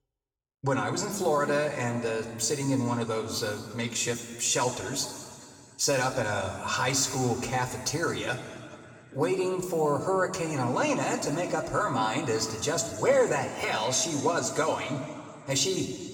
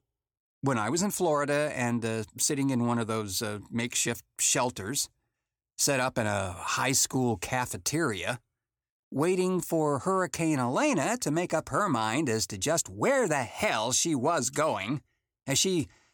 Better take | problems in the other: second | room echo; noticeable; dies away in 2.1 s // off-mic speech; somewhat distant

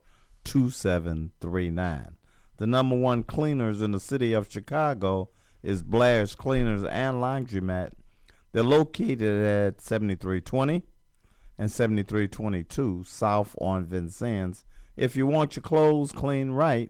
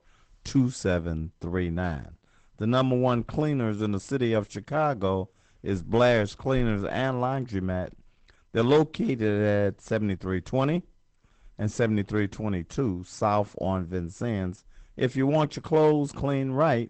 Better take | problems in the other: first | garbled, watery; badly; nothing above 8 kHz; slightly in the first

